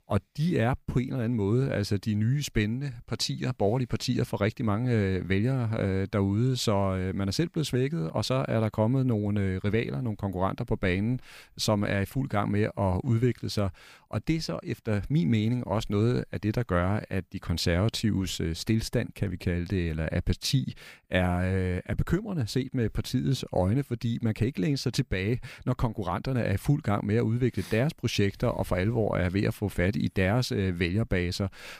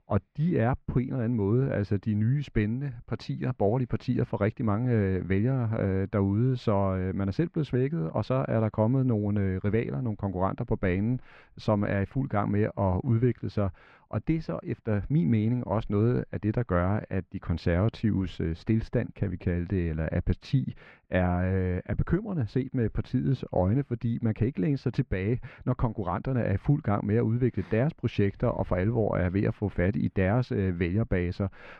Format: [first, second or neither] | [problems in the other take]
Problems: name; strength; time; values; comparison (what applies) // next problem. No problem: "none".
first | muffled; very; fading above 1.5 kHz